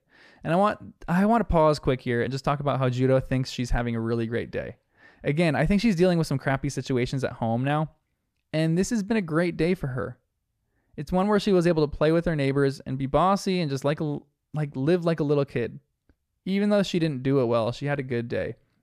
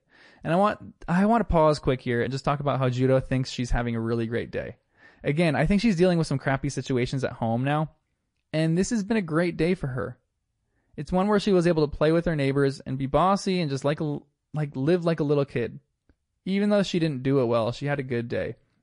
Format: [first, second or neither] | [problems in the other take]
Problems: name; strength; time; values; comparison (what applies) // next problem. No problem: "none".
first | garbled, watery; slightly; nothing above 10.5 kHz